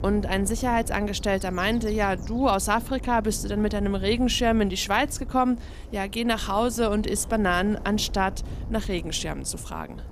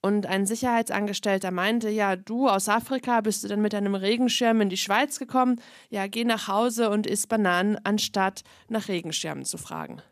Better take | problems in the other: second | wind noise on the microphone; occasional gusts; 20 dB below the speech

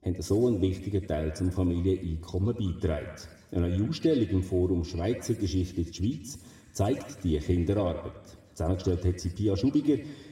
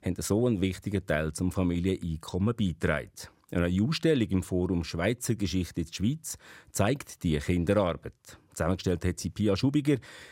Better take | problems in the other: second | room echo; slight; dies away in 1.3 s // off-mic speech; somewhat distant

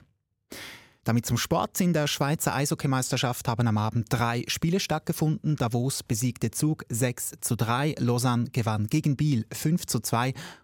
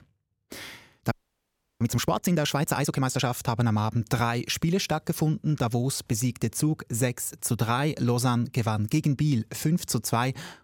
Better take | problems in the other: first | audio freezing; at 1 s for 0.5 s

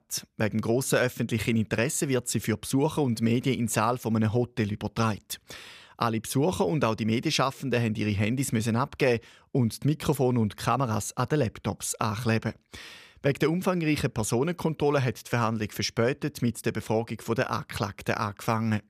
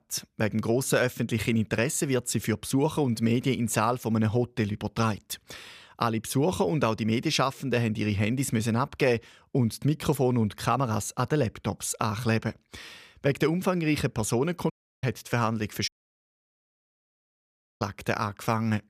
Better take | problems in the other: first | audio cutting out; at 15 s and at 16 s for 2 s

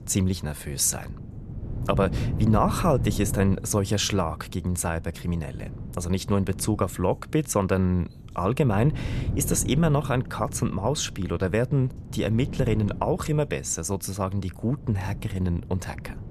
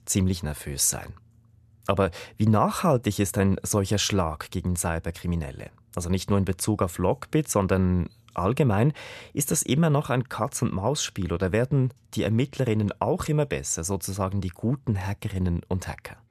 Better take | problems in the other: second | wind noise on the microphone; occasional gusts; 15 dB below the speech

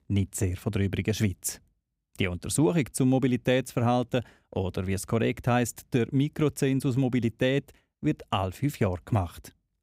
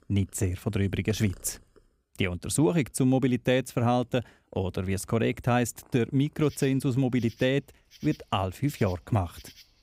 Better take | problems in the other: first | animal sounds; faint; throughout; 25 dB below the speech

